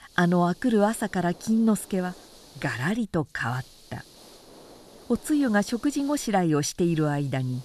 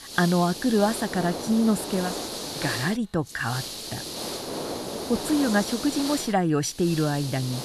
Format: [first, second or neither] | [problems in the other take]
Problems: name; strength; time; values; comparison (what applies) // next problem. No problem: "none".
first | hiss; loud; throughout; 7 dB below the speech; faint in the first